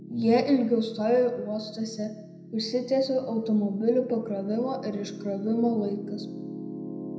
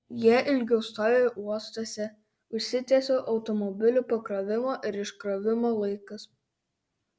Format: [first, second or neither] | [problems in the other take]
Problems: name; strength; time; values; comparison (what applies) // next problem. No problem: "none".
second | background sound (Piano); 13 dB below the speech // room echo; dies away in 0.8 s